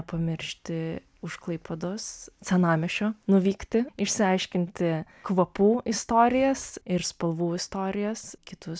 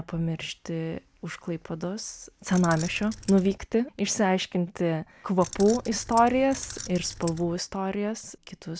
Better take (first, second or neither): first